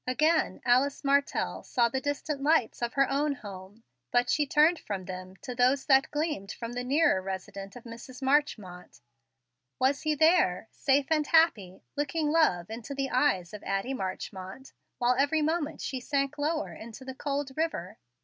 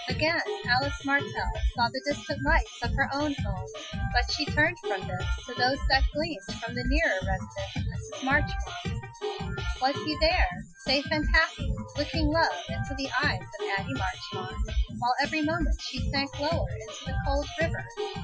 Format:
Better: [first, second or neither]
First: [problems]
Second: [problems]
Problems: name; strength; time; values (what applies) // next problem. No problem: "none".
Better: first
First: none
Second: noise reduction (classical method Wiener filter)